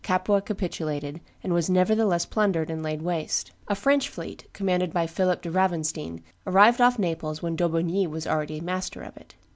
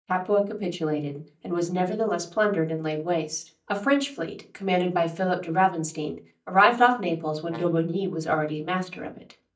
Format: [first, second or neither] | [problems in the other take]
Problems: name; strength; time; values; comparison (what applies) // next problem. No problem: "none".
first | noise reduction (neural mask model DeepFilterNet 3)